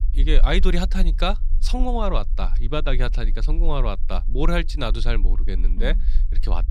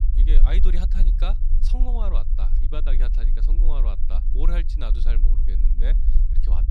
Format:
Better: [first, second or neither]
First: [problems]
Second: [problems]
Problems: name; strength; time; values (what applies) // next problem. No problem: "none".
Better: first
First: low rumble; faint; throughout; 20 dB below the speech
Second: low rumble; loud; throughout; 8 dB below the speech